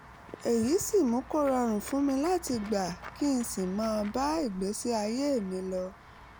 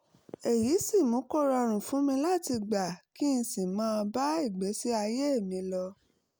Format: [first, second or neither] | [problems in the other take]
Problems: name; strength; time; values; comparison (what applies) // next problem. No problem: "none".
second | background sound (Walk, footsteps / Run / Bell); 18 dB below the speech